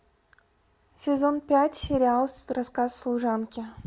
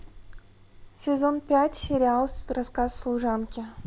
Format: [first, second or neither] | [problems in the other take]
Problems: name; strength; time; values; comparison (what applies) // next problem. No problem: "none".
first | background sound (Sliding door); 15 dB below the speech